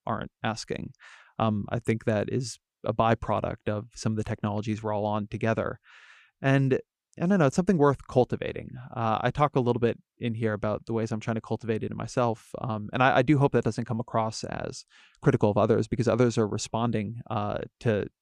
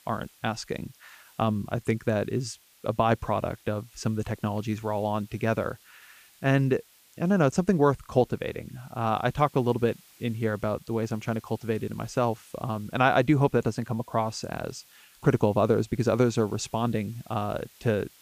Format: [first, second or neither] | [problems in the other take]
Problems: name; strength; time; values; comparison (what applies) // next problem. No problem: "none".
first | hiss; faint; throughout; 25 dB below the speech